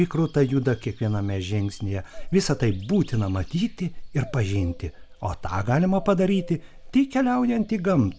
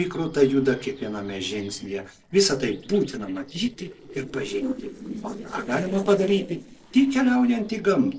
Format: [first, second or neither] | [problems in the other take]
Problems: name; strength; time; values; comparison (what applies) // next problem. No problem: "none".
first | noise reduction (neural separator model SepFormer DNS4)